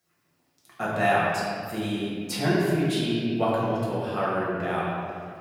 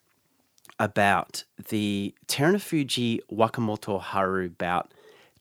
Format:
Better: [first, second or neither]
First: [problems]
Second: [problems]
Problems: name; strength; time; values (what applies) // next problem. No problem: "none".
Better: second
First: room echo; strong; dies away in 2 s // off-mic speech; far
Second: none